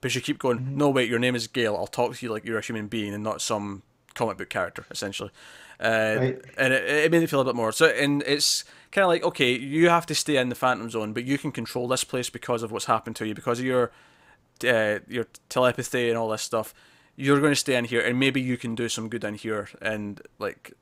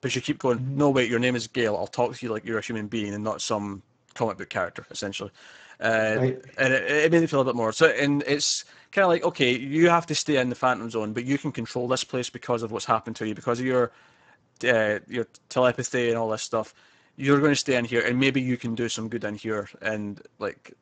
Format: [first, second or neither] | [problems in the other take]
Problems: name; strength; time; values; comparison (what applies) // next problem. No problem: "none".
first | garbled, watery; badly; nothing above 7.5 kHz